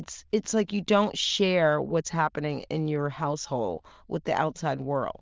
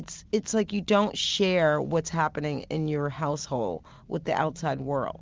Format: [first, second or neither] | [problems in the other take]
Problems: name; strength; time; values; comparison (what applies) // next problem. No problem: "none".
second | noise reduction (neural diffusion model UNIVERSE++)